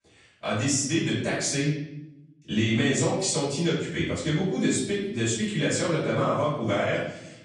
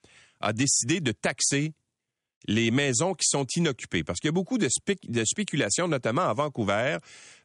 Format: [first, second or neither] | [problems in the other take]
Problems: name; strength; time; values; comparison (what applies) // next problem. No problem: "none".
second | off-mic speech; far // room echo; noticeable; dies away in 0.8 s